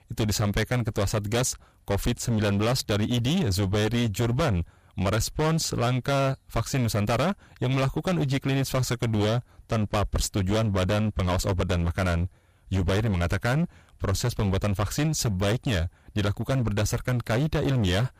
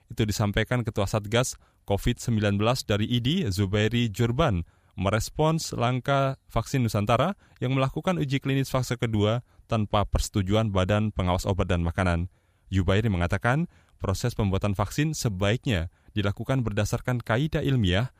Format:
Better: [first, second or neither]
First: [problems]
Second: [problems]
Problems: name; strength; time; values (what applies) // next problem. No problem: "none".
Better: second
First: distortion; heavy; 24% of the sound clipped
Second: none